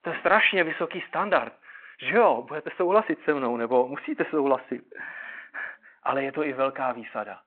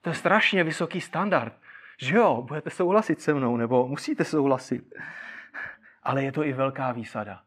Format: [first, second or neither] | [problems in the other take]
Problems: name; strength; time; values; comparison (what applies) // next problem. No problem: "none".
second | phone-call audio